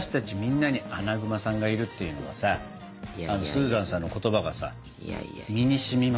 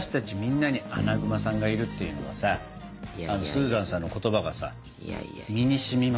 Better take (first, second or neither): first